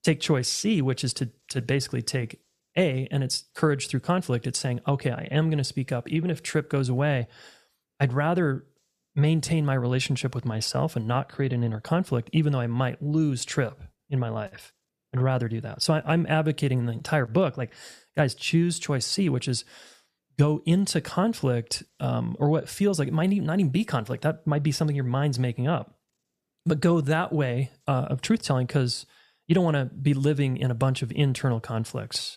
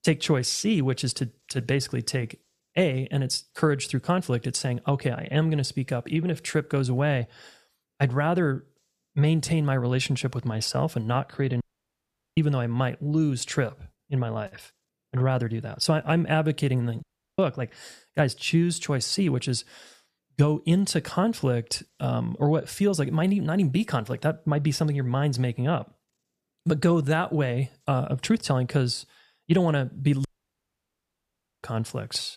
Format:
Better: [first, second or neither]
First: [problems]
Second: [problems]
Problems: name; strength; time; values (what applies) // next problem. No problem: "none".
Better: first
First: none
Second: audio cutting out; at 12 s for 1 s, at 17 s and at 30 s for 1.5 s